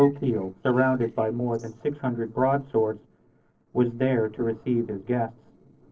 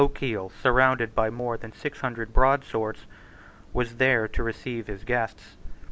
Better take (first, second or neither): second